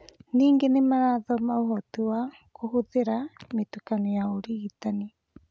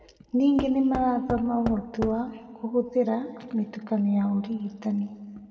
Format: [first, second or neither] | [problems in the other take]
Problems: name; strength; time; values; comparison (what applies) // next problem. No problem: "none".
first | background sound (Knock / Wood); 11 dB below the speech // room echo; dies away in 1.9 s